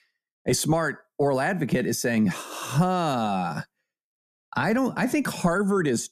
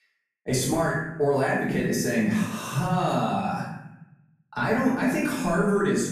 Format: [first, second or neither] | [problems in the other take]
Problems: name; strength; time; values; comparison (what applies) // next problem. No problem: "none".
first | off-mic speech; far // room echo; noticeable; dies away in 0.8 s